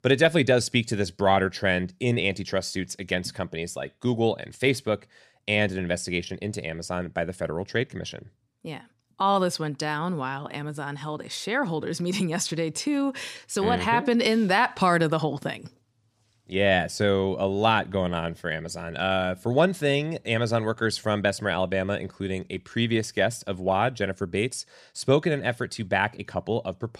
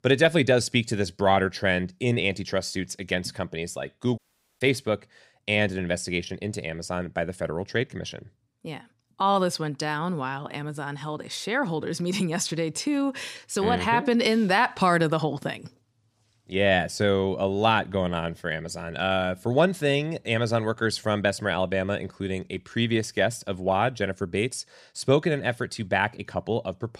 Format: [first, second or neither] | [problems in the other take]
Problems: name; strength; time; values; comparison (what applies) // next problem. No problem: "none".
first | audio cutting out; at 4 s